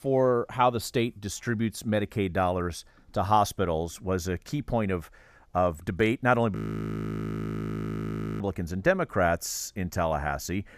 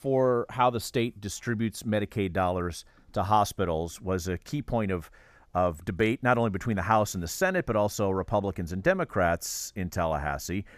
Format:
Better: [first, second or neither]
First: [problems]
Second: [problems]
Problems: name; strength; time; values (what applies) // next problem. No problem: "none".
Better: second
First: audio freezing; at 6.5 s for 2 s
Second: none